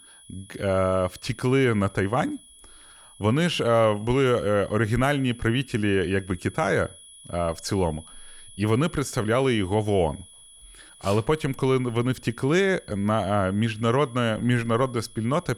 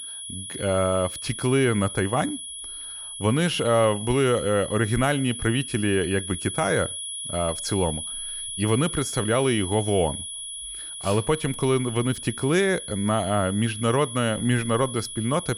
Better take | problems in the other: first | high-pitched whine; loud; throughout; 3.5 kHz, 8 dB below the speech; faint in the first

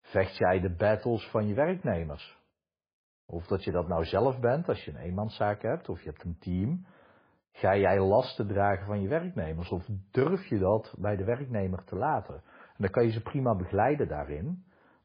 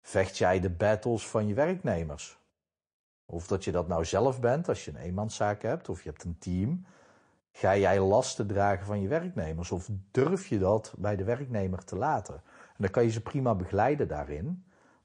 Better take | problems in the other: second | garbled, watery; badly; nothing above 5 kHz; slightly in the second

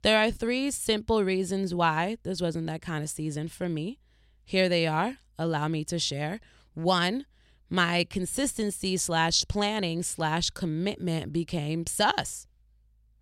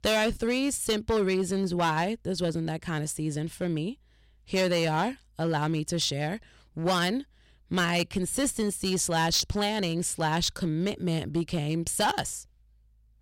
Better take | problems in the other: first | distortion; slight; 6% of the sound clipped

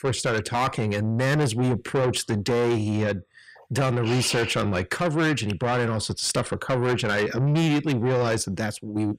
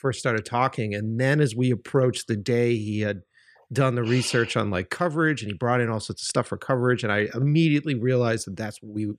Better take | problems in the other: second | distortion; heavy; 7 dB below the speech

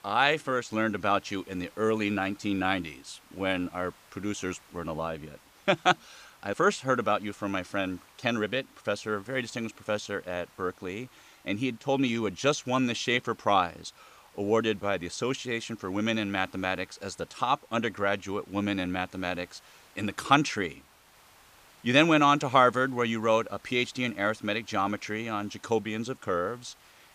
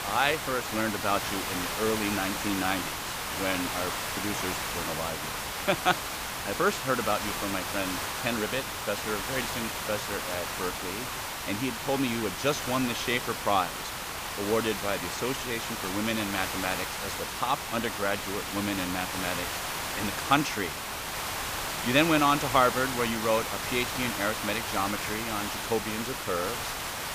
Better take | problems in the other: first | hiss; loud; throughout; 2 dB below the speech; faint in the first

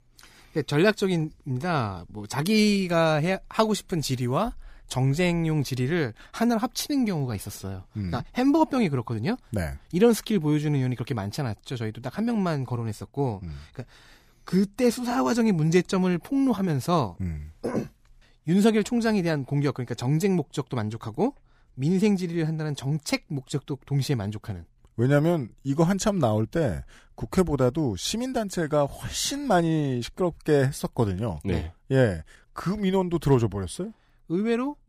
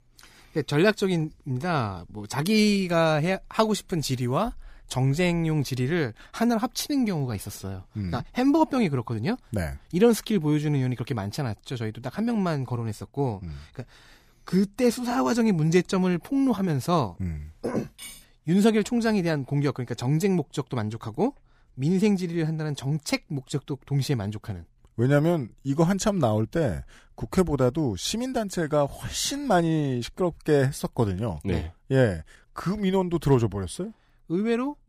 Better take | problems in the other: first | clattering dishes; faint; at 18 s; peak 15 dB below the speech

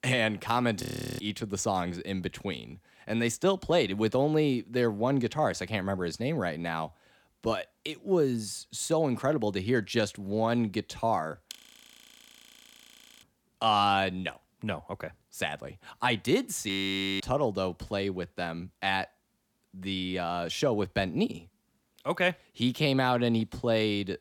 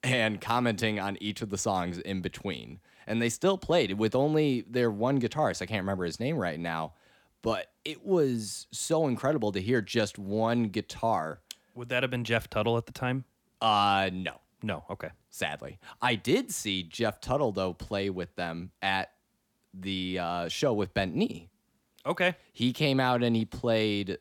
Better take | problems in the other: second | audio freezing; at 1 s, at 12 s for 1.5 s and at 17 s for 0.5 s

